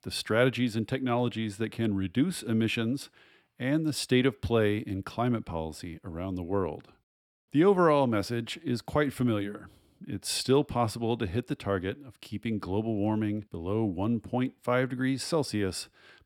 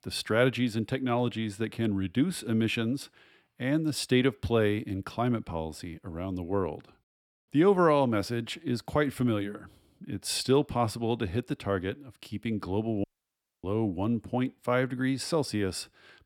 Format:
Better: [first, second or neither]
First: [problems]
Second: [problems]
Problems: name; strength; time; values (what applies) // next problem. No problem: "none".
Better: first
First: none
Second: audio cutting out; at 13 s for 0.5 s